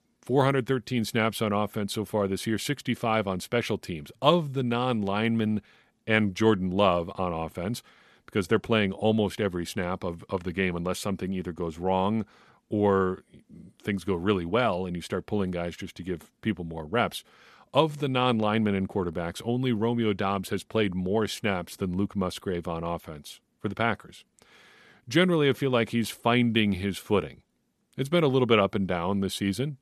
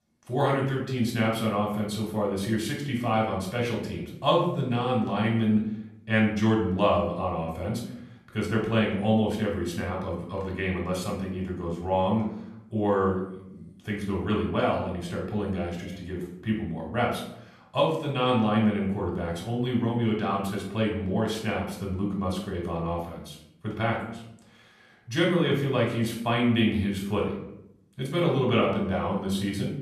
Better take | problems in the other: first | off-mic speech; far // room echo; noticeable; dies away in 0.6 s

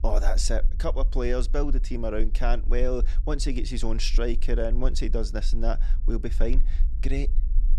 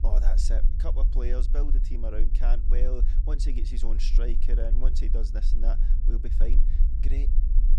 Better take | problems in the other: first | low rumble; loud; throughout; 9 dB below the speech; faint in the first

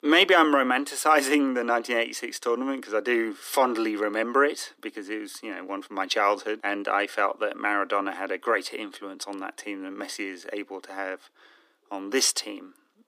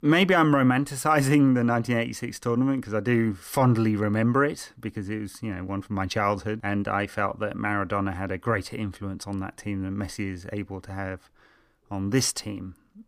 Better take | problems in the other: second | thin; somewhat; fading below 300 Hz

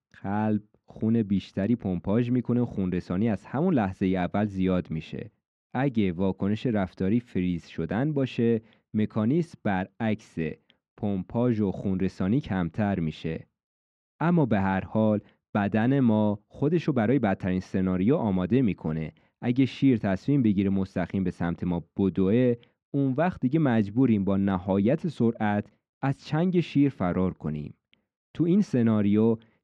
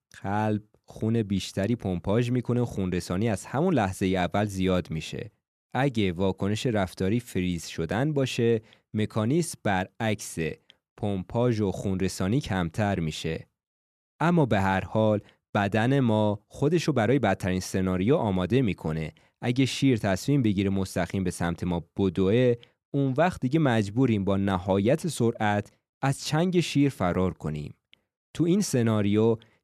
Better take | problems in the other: second | muffled; slightly; fading above 3 kHz

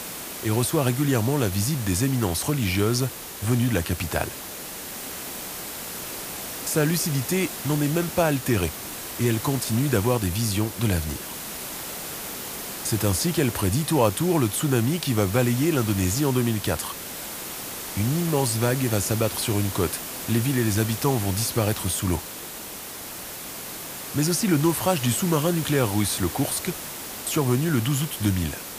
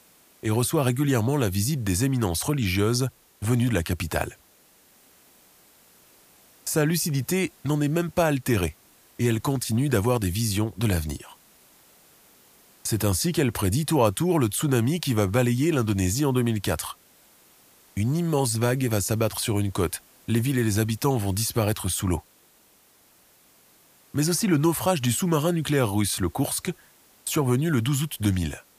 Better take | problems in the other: second | hiss; loud; throughout; 8 dB below the speech; faint in the second

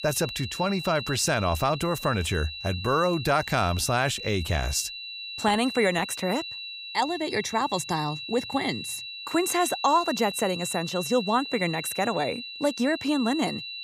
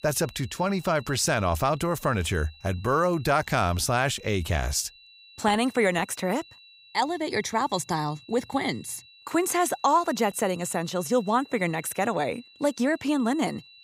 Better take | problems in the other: second | high-pitched whine; loud; throughout; 4 kHz, 8 dB below the speech; faint in the second

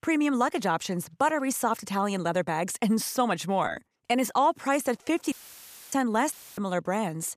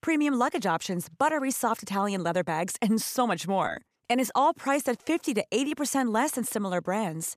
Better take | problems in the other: second | audio cutting out; filled with static; at 5.5 s for 0.5 s and at 6.5 s

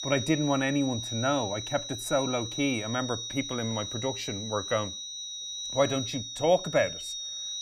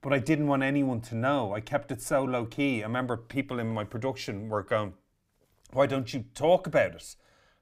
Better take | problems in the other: second | high-pitched whine; loud; throughout; 4 kHz, 5 dB below the speech

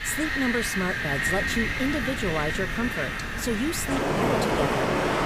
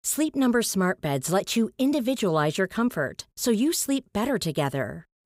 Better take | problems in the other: second | wind in the background; very loud; throughout; 3 dB above the speech

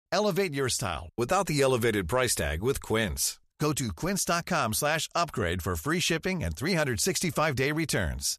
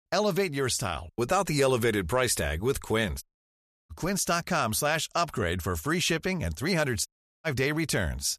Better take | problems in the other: first | audio cutting out; at 3 s for 0.5 s and at 7 s

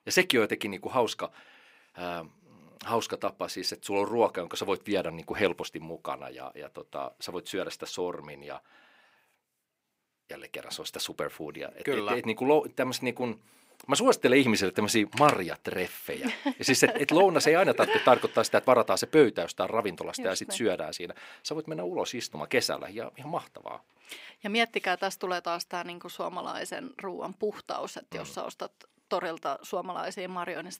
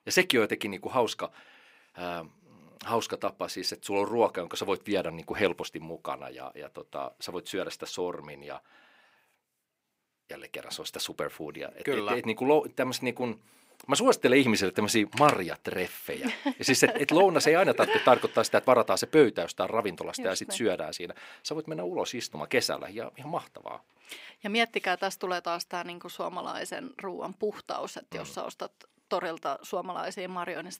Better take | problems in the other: neither | thin; somewhat; fading below 300 Hz; the same in both

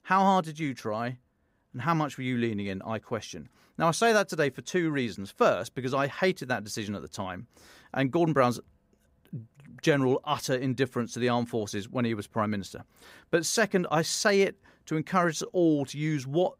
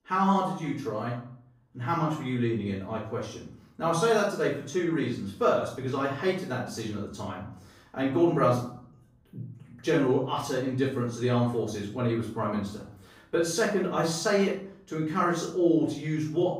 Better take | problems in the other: first | off-mic speech; far // room echo; noticeable; dies away in 0.5 s

